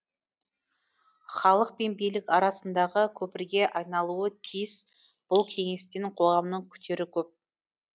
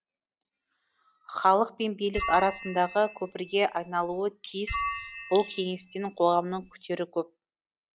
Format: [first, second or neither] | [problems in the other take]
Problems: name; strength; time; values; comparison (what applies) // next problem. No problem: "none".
first | background sound (Bell); 9 dB below the speech